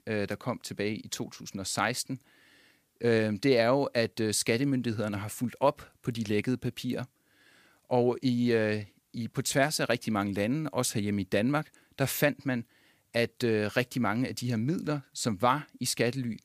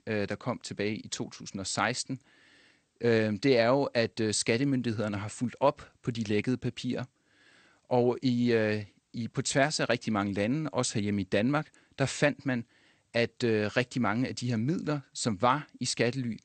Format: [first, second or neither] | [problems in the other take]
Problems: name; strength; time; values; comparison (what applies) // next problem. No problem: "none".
first | garbled, watery; slightly; nothing above 8.5 kHz